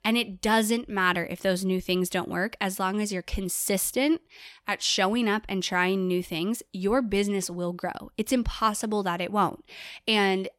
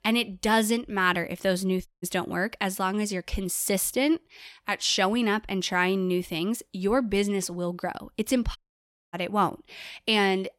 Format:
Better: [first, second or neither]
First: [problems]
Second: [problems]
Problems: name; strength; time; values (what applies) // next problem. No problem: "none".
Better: first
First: none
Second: audio cutting out; at 2 s and at 8.5 s for 0.5 s